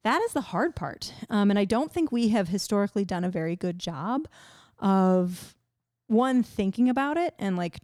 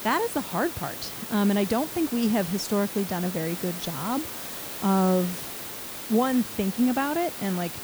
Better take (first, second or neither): first